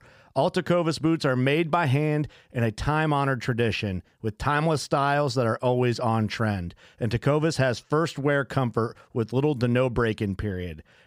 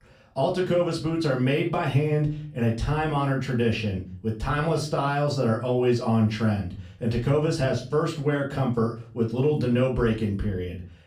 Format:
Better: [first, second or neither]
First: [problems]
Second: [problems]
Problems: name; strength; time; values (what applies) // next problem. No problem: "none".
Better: first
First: none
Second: off-mic speech; far // room echo; slight; dies away in 0.3 s